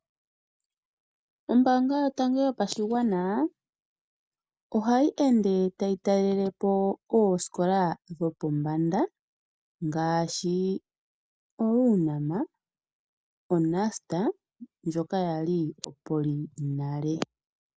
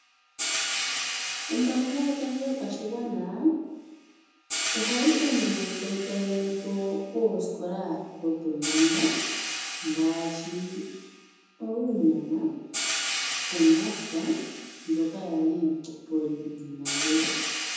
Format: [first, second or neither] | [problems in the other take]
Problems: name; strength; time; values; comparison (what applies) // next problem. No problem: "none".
first | background sound (Hi-hat); 5 dB below the speech // room echo; dies away in 1 s